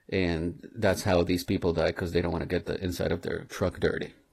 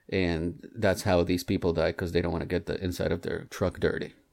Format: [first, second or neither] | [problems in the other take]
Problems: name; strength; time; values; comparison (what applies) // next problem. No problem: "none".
second | garbled, watery; slightly; nothing above 14 kHz